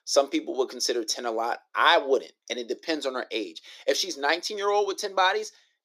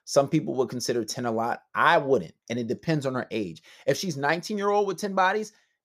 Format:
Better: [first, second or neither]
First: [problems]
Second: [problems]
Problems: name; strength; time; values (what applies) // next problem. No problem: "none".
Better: second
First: thin; somewhat; fading below 300 Hz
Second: none